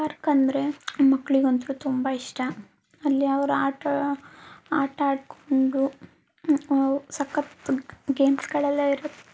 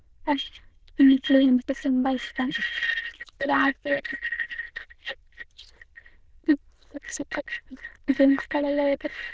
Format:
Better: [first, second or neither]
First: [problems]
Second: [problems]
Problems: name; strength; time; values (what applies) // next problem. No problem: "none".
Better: first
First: none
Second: noise reduction (neural diffusion model UNIVERSE++)